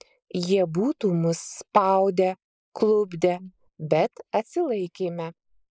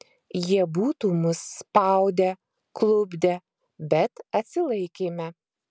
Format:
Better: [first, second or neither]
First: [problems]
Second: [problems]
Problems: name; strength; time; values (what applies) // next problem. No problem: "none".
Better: second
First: noise reduction (neural mask model Resemble Enhance denoiser)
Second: none